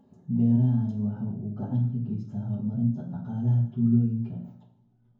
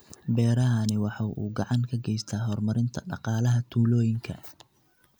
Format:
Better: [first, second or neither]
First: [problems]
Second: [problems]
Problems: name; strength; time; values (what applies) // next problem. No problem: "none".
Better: second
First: room echo; dies away in 0.9 s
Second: none